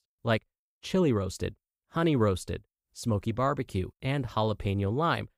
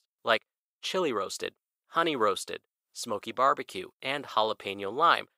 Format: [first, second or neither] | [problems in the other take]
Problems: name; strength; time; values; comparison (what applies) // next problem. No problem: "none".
first | thin; very; fading below 500 Hz